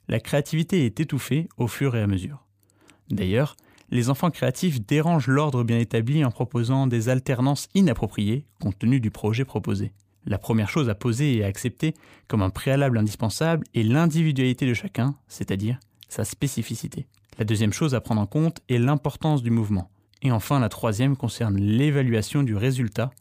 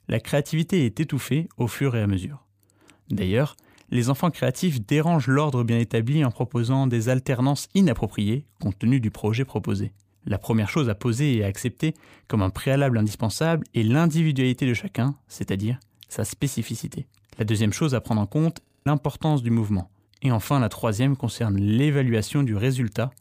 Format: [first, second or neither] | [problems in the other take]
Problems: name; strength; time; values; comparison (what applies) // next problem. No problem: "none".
first | audio freezing; at 19 s